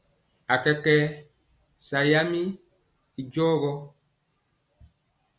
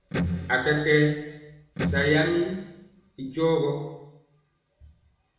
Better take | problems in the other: first | background sound (Electric guitar); 5 dB below the speech // room echo; dies away in 0.9 s

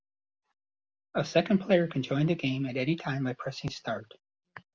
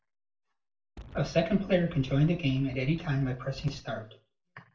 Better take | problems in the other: first | background sound (Wind); 16 dB below the speech // room echo; dies away in 0.3 s

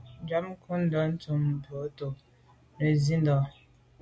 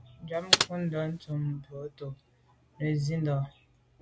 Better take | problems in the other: first | background sound (Computer keyboard); 4 dB above the speech

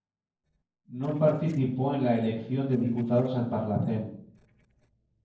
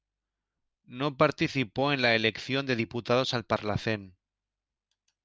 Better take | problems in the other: second | noise reduction (neural separator model SepFormer DNS4)

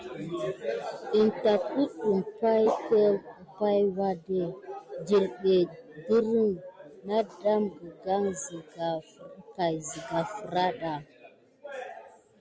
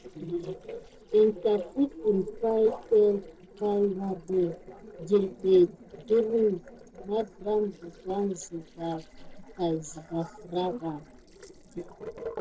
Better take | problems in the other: first | noise reduction (neural separator model SepFormer DNS4)

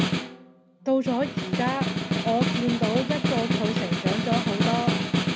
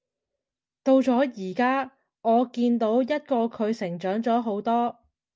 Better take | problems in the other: second | background sound (Snare drum); 2 dB above the speech

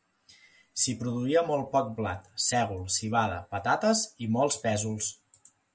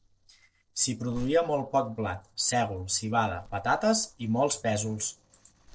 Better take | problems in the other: first | noise reduction (neural separator model SepFormer DNS4)

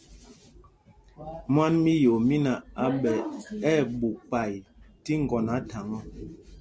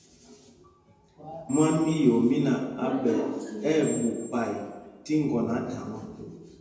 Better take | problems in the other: first | background sound (Squeak); 18 dB below the speech // room echo; dies away in 1 s

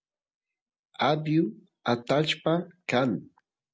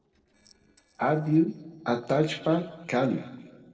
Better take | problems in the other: first | noise reduction (neural separator model SepFormer DNS4)

